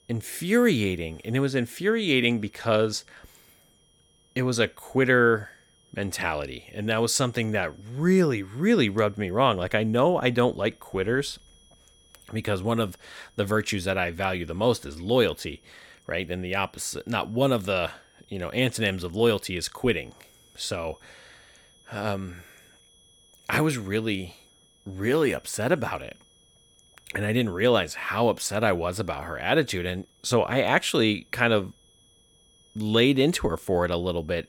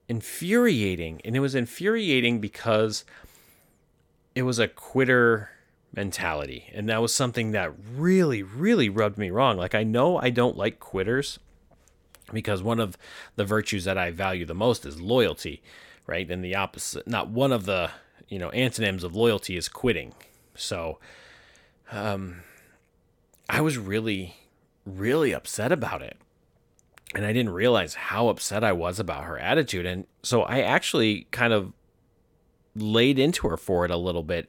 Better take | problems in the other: second | high-pitched whine; faint; throughout; 3.5 kHz, 35 dB below the speech

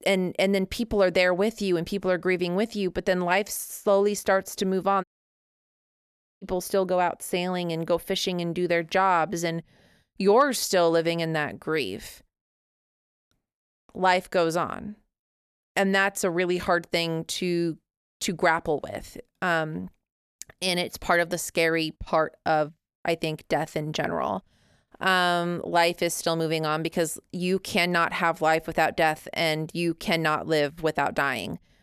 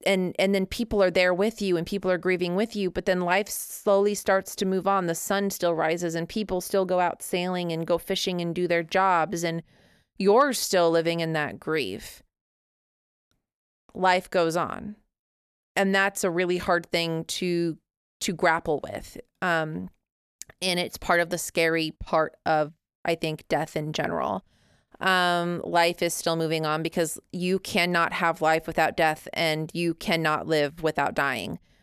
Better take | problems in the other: second | audio cutting out; at 5 s for 1.5 s

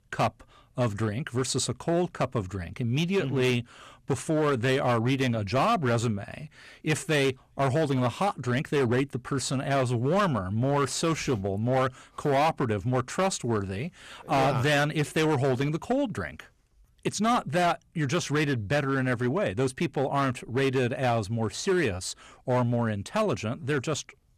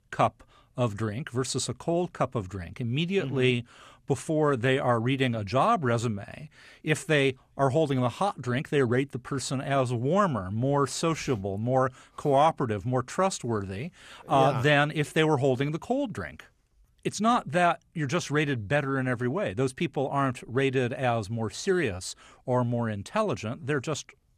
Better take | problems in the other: second | distortion; slight; 9% of the sound clipped

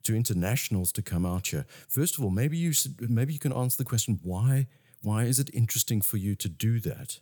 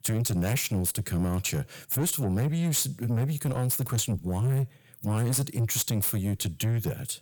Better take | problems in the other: first | distortion; slight; 10 dB below the speech

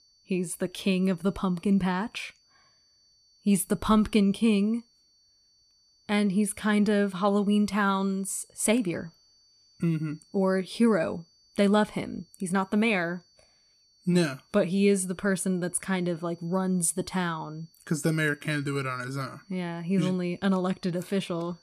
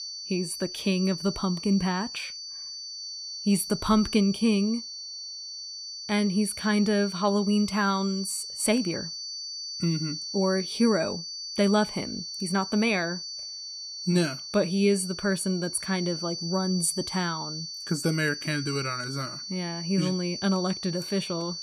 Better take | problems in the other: first | high-pitched whine; loud; throughout; 4.5 kHz, 7 dB below the speech; faint in the first

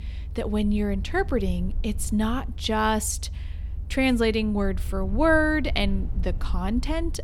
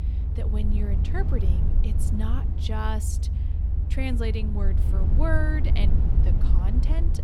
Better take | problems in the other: first | low rumble; loud; throughout; 5 dB below the speech; faint in the first

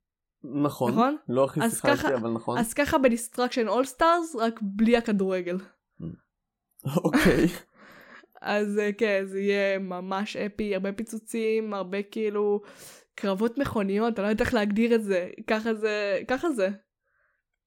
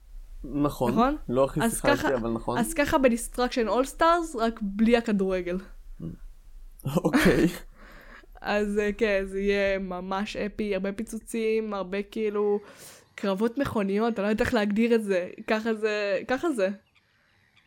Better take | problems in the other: first | animal sounds; faint; throughout; 25 dB below the speech

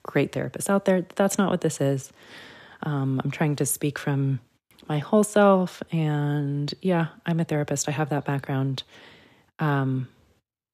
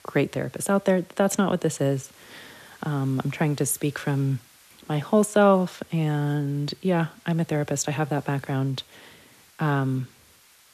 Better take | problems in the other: first | hiss; faint; throughout; 25 dB below the speech

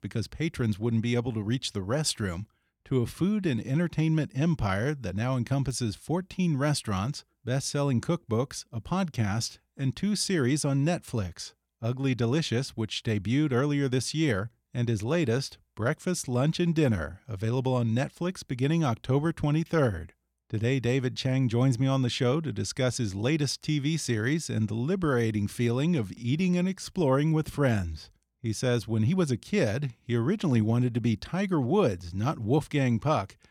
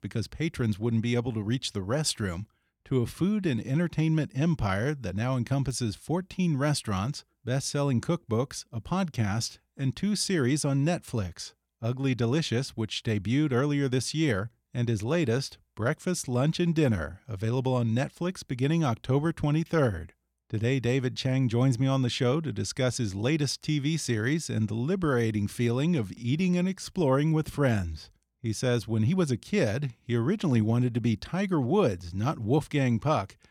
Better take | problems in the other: neither | none

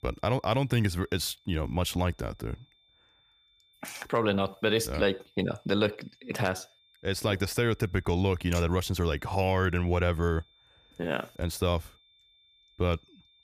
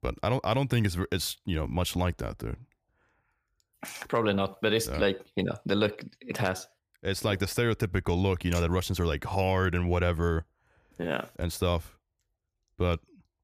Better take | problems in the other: second | high-pitched whine; faint; throughout; 3.5 kHz, 30 dB below the speech

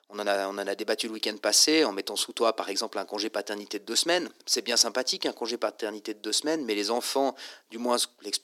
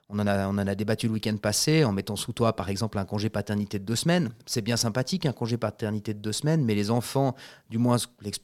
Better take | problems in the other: second | thin; somewhat; fading below 300 Hz

